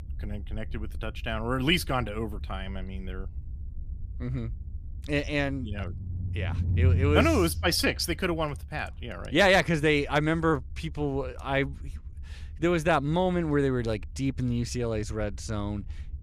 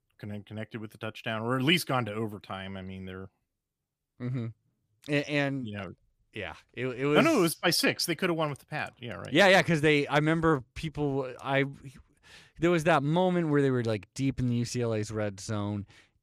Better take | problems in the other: second | low rumble; faint; throughout; 25 dB below the speech

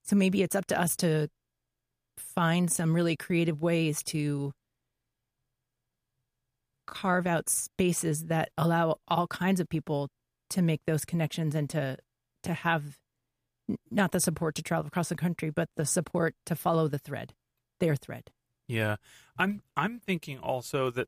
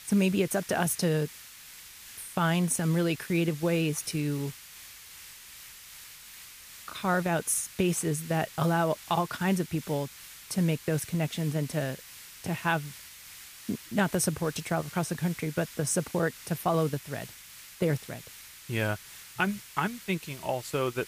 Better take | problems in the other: first | hiss; noticeable; throughout; 15 dB below the speech

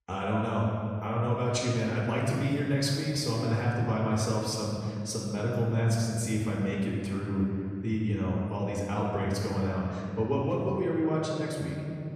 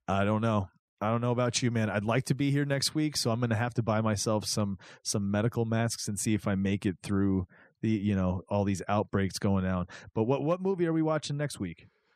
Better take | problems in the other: second | off-mic speech; far // room echo; noticeable; dies away in 2.6 s

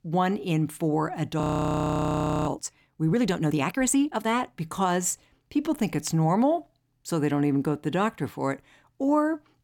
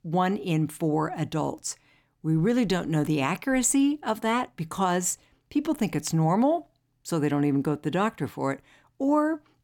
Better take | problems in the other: second | audio freezing; at 1.5 s for 1 s

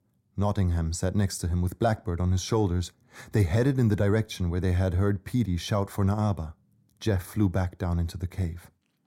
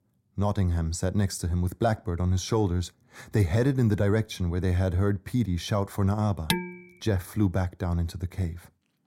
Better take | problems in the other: first | clattering dishes; noticeable; at 6.5 s; peak 2 dB below the speech

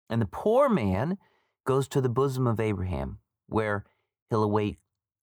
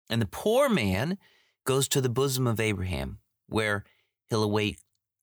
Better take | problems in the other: second | muffled; very; fading above 2 kHz

